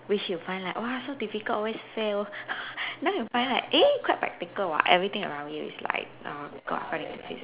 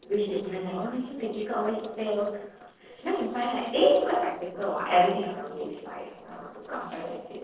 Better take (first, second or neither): first